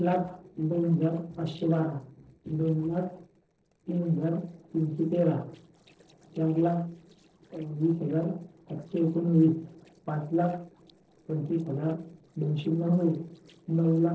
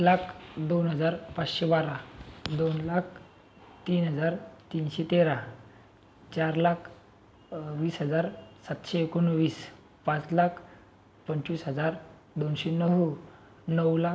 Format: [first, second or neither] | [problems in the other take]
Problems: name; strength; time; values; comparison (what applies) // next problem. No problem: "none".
second | noise reduction (neural separator model SepFormer DNS4)